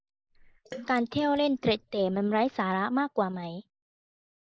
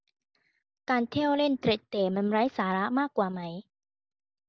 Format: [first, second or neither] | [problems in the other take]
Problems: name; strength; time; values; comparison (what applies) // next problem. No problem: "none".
second | noise reduction (neural mask model Resemble Enhance denoiser)